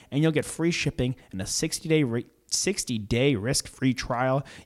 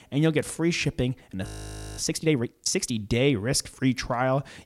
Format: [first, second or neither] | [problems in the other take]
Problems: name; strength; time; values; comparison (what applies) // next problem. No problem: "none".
first | audio freezing; at 1.5 s for 0.5 s